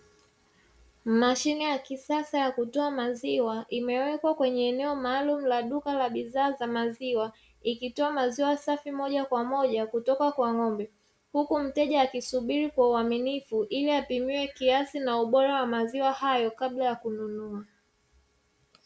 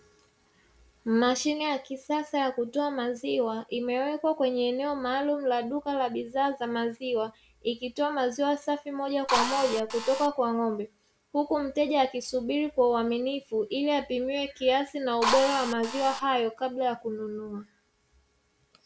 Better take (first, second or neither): first